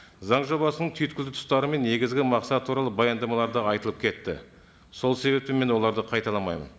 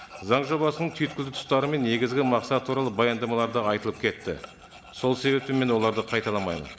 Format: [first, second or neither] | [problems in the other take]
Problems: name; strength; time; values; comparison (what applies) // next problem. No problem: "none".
first | background sound (Tools); 19 dB below the speech